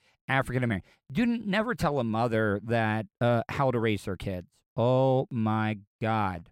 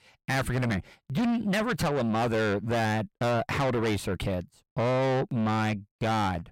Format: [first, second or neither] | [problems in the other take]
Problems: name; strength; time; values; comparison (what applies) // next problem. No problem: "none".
first | distortion; heavy; 6 dB below the speech